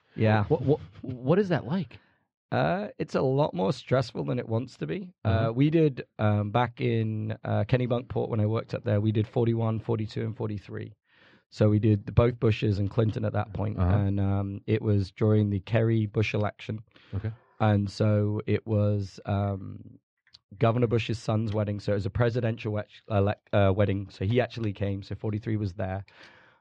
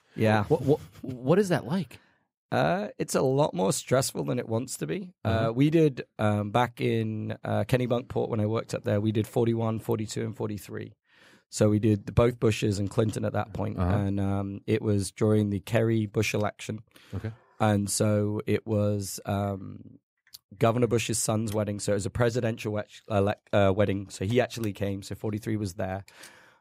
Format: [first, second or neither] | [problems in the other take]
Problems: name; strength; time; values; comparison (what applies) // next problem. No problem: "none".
second | muffled; slightly; fading above 4.5 kHz